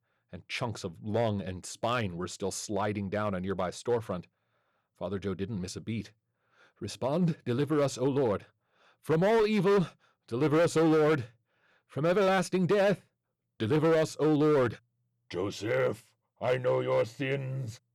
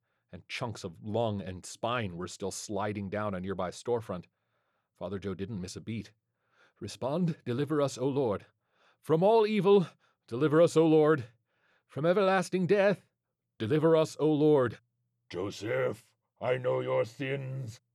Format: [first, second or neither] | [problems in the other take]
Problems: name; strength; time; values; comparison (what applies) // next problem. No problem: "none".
second | distortion; slight; 6% of the sound clipped